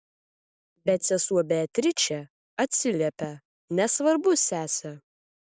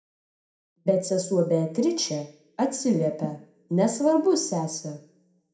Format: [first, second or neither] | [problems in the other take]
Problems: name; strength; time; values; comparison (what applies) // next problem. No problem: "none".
first | room echo; dies away in 0.5 s